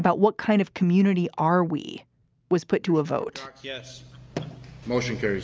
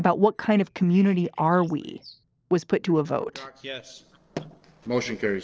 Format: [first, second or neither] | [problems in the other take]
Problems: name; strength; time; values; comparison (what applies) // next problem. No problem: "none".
first | noise reduction (neural separator model SepFormer DNS4)